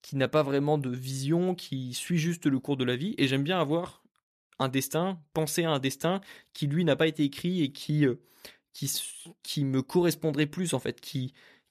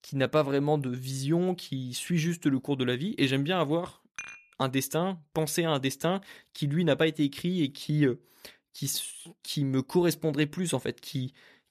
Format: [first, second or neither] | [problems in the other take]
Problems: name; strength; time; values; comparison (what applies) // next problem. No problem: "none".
first | clattering dishes; faint; at 4 s; peak 10 dB below the speech